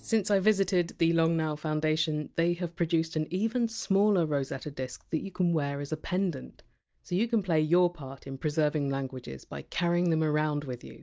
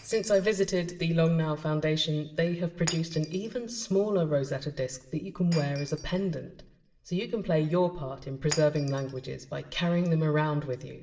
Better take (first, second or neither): first